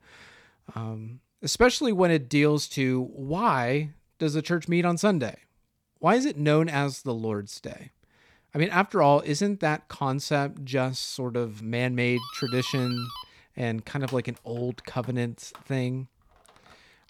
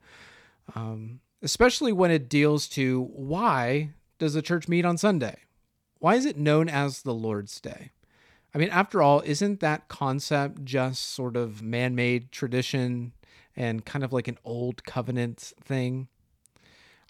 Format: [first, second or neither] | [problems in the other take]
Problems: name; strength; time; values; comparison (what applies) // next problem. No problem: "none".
second | doorbell; noticeable; from 12 s on; peak 9 dB below the speech